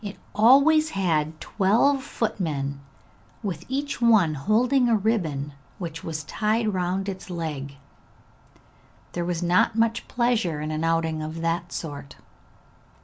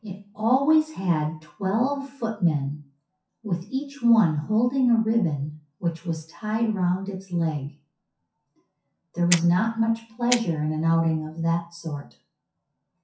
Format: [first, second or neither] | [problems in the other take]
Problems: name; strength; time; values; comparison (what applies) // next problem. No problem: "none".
first | noise reduction (classical method WPE with log-MMSE)